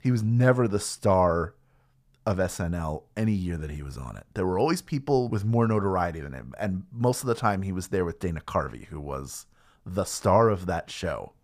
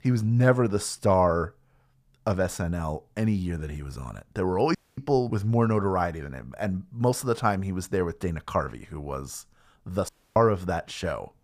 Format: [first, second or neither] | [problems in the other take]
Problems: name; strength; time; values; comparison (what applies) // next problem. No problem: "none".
first | audio cutting out; at 5 s and at 10 s